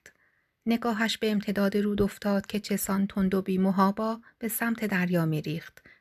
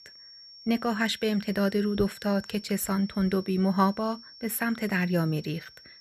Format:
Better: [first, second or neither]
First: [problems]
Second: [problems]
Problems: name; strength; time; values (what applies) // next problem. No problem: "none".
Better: first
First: none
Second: high-pitched whine; noticeable; throughout; 5.5 kHz, 20 dB below the speech